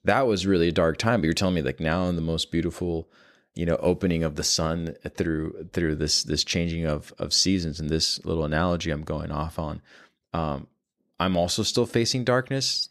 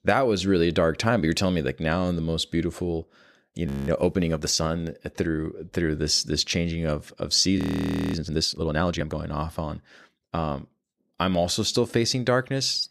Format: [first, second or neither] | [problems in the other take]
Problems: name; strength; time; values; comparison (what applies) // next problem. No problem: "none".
first | audio freezing; at 3.5 s and at 7.5 s for 0.5 s